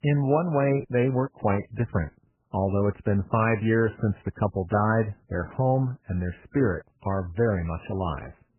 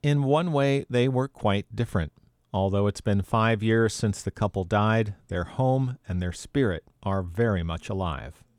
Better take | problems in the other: second | garbled, watery; badly; nothing above 2.5 kHz

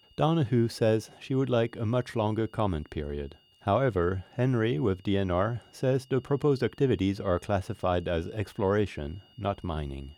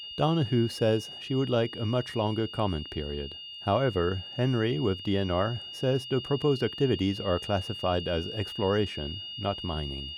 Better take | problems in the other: first | high-pitched whine; loud; throughout; 3 kHz, 9 dB below the speech; faint in the first

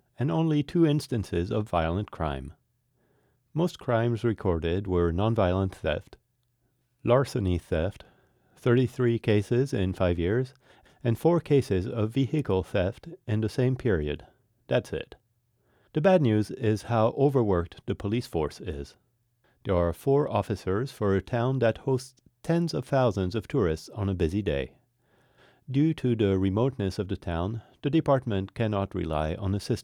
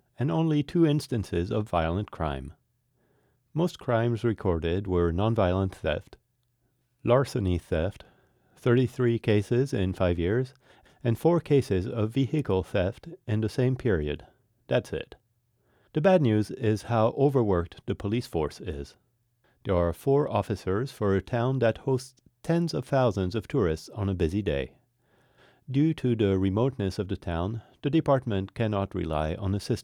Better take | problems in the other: neither | none

